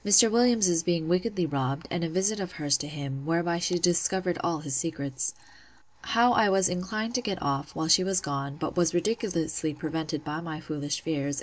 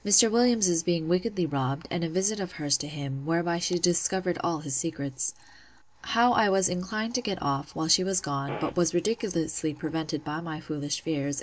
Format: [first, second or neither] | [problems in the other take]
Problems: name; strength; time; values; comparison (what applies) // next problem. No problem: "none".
first | background sound (Fart); 8 dB below the speech